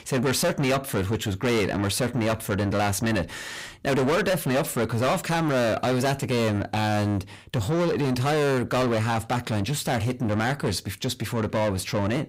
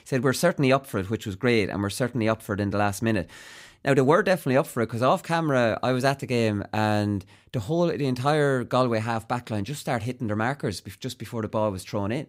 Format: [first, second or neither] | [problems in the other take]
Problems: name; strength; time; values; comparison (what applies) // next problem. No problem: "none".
second | distortion; heavy; 6 dB below the speech